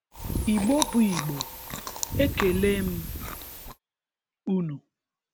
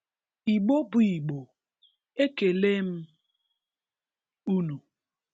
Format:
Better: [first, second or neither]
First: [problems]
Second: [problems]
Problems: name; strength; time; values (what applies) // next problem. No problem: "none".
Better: second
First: background sound (Chewing, mastication); 4 dB below the speech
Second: none